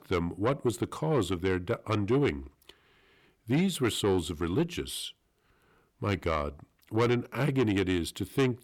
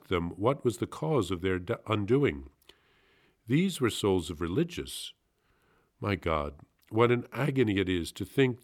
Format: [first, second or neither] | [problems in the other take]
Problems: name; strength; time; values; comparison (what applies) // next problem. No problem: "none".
second | distortion; slight; 10 dB below the speech